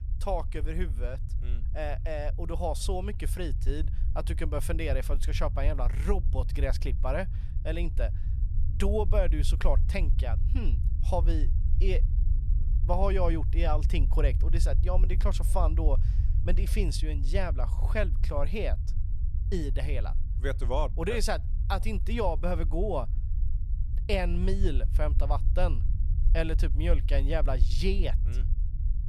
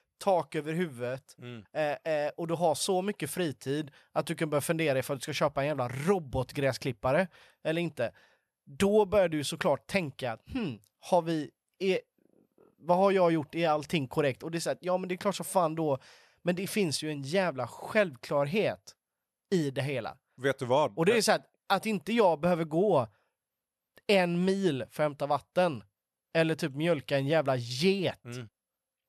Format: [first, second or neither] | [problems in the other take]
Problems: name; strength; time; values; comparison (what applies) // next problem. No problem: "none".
second | low rumble; noticeable; throughout; 15 dB below the speech